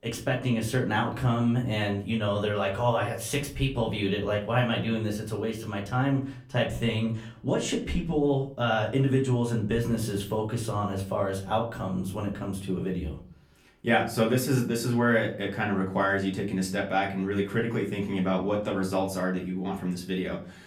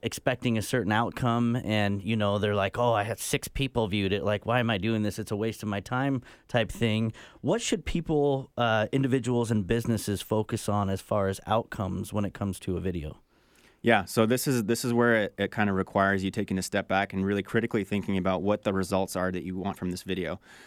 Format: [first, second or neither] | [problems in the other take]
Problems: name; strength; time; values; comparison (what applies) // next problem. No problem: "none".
second | off-mic speech; far // room echo; very slight; dies away in 0.4 s